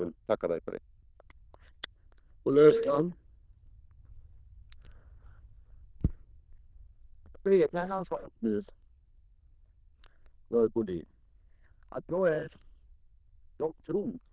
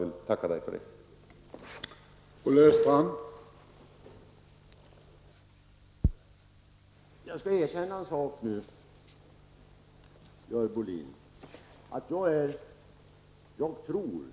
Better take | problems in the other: second | noise reduction (neural diffusion model UNIVERSE++)

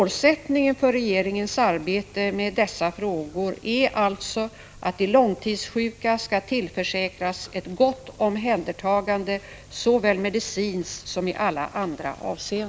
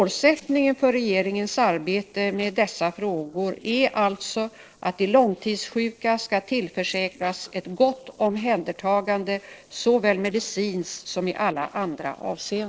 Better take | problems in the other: first | noise reduction (neural separator model SepFormer DNS4)

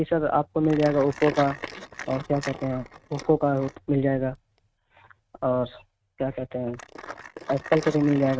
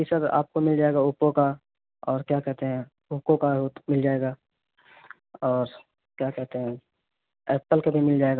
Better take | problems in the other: second | noise reduction (neural mask model RNNoise)

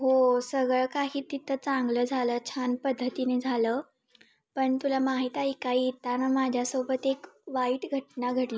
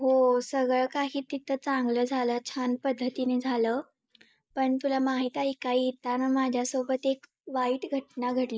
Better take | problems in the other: first | noise reduction (neural mask model Resemble Enhance denoiser)

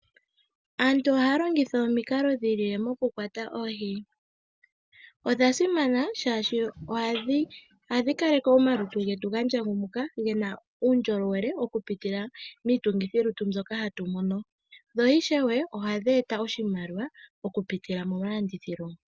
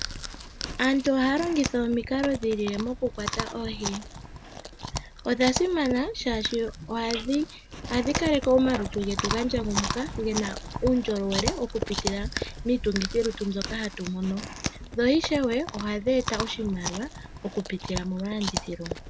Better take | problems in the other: first | background sound (Chewing, mastication); 7 dB below the speech

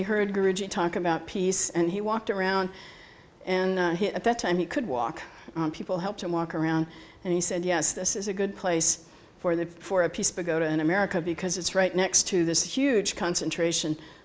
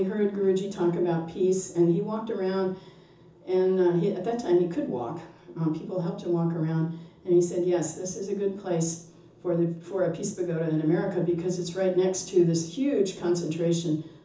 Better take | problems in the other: first | room echo; dies away in 0.6 s

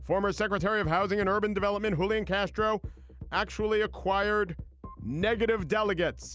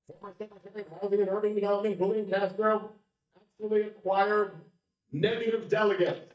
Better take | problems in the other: first | noise reduction (neural mask model DeepFilterNet 3)

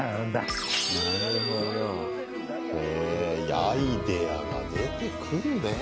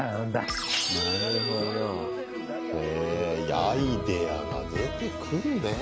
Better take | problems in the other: second | background sound (Wind instrument, woodwind instrument); 16 dB below the speech

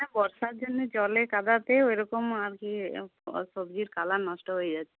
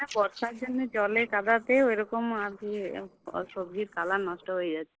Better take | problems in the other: first | noise reduction (neural separator model SepFormer DNS4)

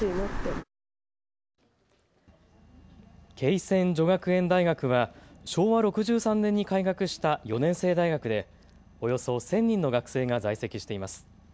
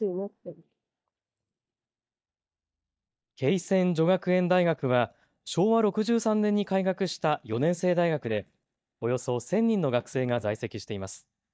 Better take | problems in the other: first | noise reduction (neural mask model DeepFilterNet 3)

